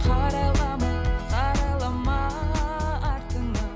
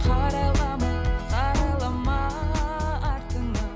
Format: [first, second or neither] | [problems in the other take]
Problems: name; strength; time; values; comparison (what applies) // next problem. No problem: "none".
first | background sound (Bowed string instrument); 15 dB below the speech